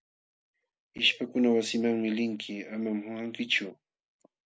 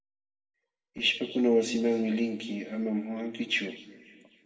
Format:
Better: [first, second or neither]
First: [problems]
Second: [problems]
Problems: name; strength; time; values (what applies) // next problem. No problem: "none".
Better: first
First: none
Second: room echo; dies away in 1.5 s